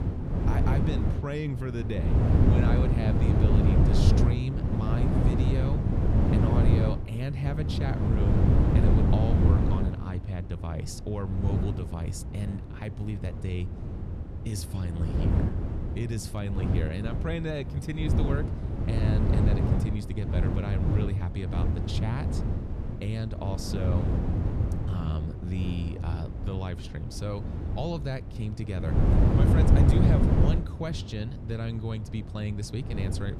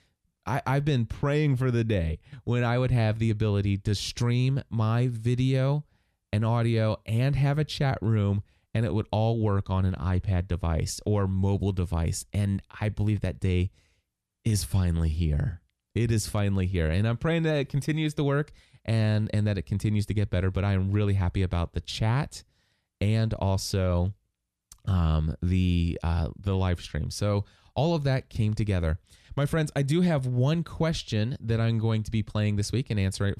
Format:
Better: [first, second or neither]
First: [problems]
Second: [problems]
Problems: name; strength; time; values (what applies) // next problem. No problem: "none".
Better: second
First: wind noise on the microphone; heavy; 2 dB above the speech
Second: none